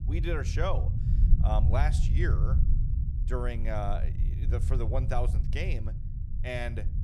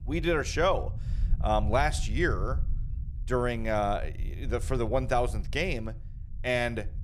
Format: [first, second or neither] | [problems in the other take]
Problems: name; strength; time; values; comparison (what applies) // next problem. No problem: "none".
second | low rumble; loud; throughout; 10 dB below the speech; faint in the second